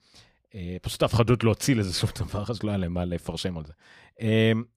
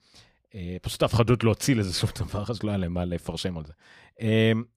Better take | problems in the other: neither | none

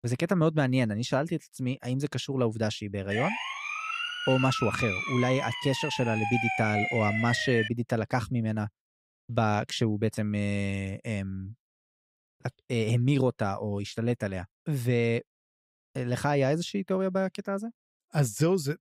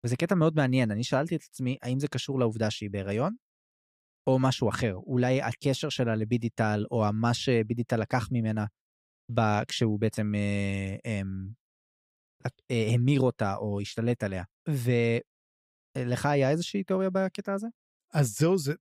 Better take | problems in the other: second | siren; loud; from 3 to 7.5 s; peak level with the speech

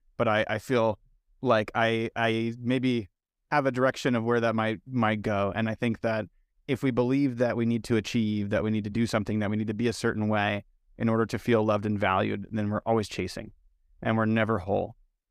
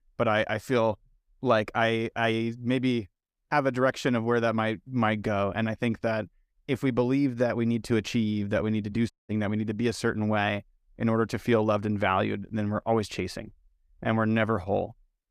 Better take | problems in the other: first | audio cutting out; at 9 s

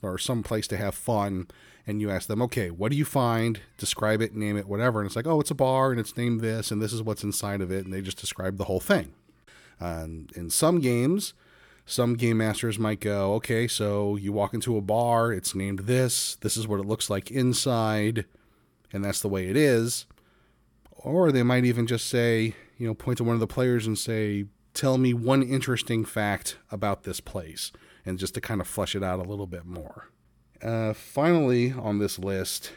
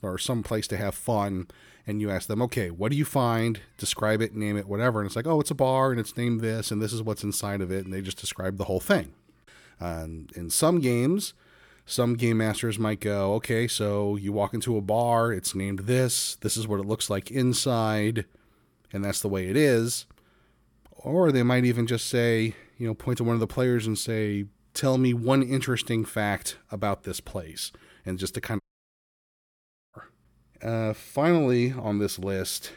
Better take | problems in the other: first | audio cutting out; at 29 s for 1.5 s

